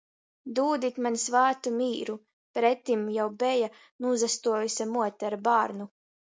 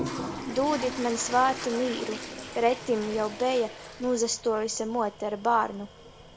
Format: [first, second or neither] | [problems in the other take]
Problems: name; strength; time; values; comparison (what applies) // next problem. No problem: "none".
first | background sound (Toilet flush); 10 dB below the speech